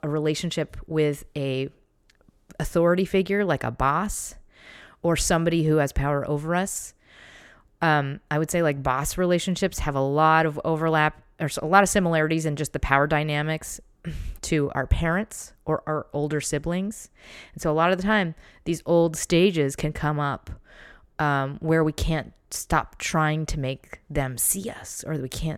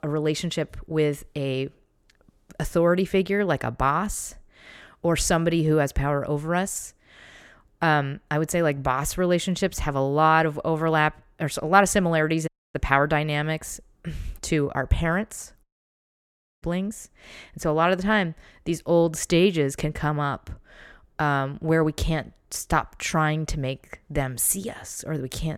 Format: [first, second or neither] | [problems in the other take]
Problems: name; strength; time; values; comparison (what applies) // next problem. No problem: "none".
first | audio cutting out; at 12 s and at 16 s for 1 s